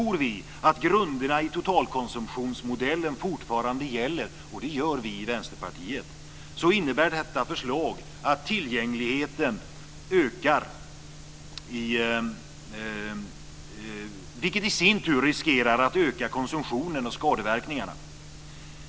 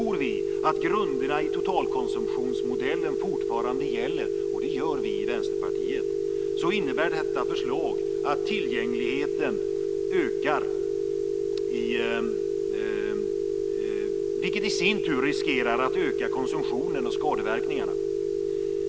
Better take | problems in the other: first | background sound (Telephone); 5 dB above the speech

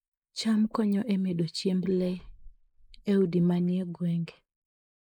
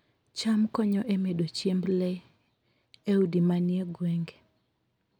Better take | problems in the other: second | noise reduction (neural mask model Resemble Enhance denoiser)

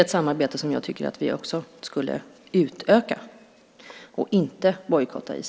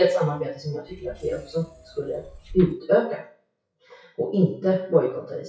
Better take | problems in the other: first | noise reduction (classical method WPE with log-MMSE)

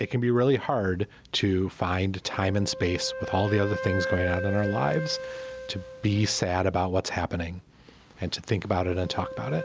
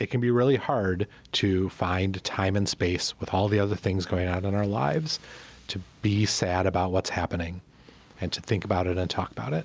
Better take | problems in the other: second | background sound (Wind instrument, woodwind instrument); 10 dB below the speech

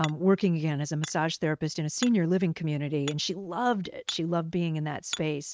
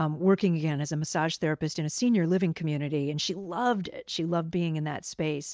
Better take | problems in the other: second | noise reduction (neural mask model RNNoise)

